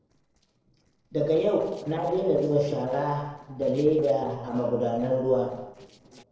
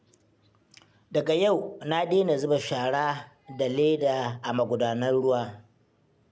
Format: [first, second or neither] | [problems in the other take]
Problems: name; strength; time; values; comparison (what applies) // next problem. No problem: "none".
second | noise reduction (neural separator model SepFormer DNS4)